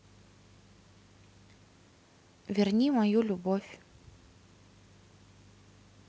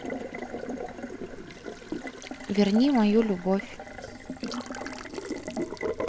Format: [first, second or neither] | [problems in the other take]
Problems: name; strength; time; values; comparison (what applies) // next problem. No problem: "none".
first | background sound (Water tap, faucet); 7 dB below the speech